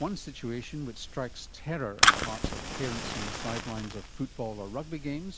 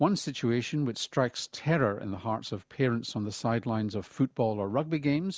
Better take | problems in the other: second | background sound (Fire); 4 dB above the speech

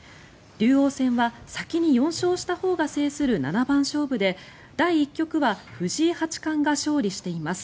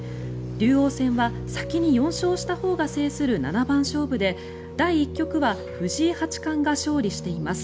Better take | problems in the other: first | background sound (Piano); 9 dB below the speech

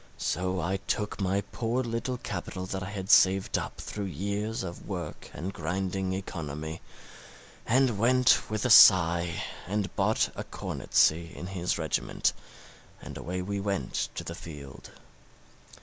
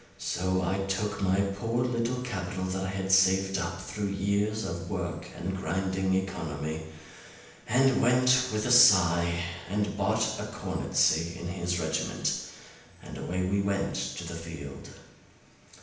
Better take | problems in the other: first | room echo; dies away in 0.9 s

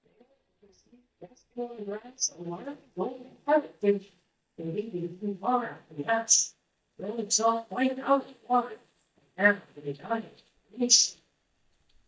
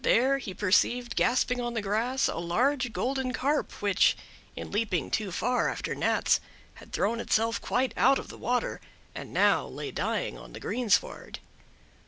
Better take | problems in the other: second | noise reduction (neural mask model DeepFilterNet 3)

